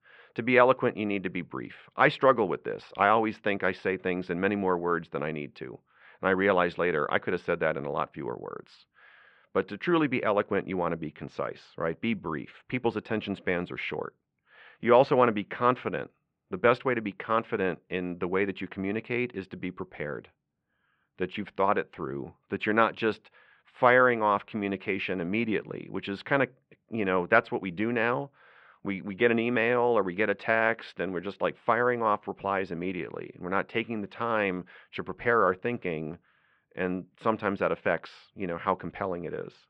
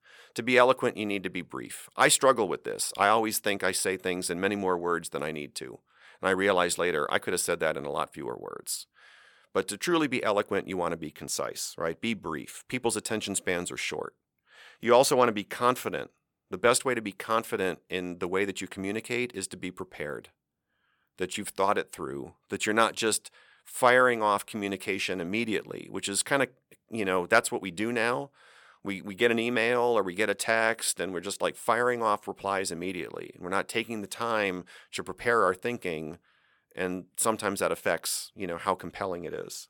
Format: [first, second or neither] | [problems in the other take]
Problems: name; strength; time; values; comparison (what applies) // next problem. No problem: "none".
second | muffled; very; fading above 3 kHz